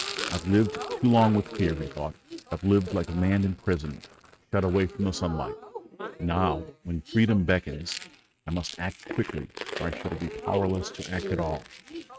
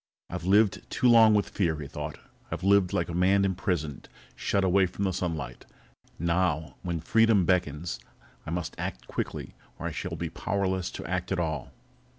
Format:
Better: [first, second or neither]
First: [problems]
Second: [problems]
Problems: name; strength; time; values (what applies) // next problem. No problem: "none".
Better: second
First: noise reduction (neural mask model RNNoise)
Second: none